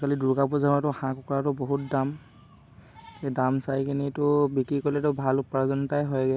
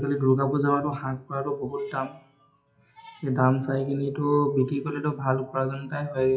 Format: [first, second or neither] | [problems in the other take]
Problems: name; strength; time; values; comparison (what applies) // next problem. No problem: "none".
first | noise reduction (classical method WPE with log-MMSE)